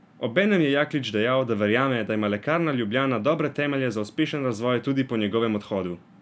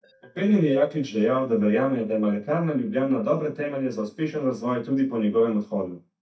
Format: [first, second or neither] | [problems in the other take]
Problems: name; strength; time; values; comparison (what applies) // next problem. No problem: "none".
first | noise reduction (neural mask model DeepFilterNet 3)